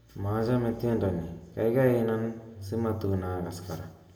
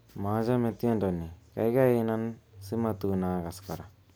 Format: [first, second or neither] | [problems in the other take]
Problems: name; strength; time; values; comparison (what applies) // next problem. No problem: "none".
second | room echo; dies away in 0.8 s